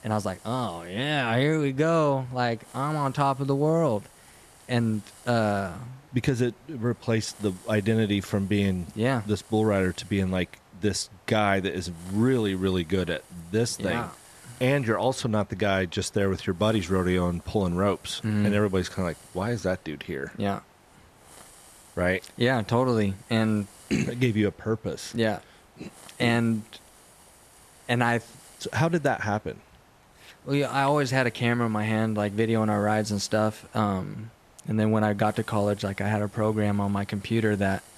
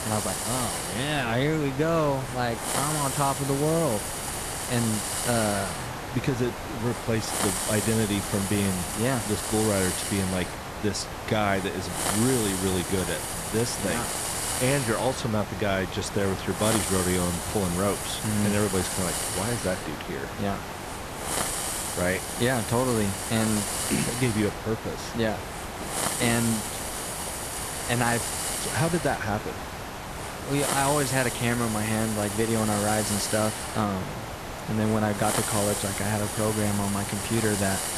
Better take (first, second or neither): first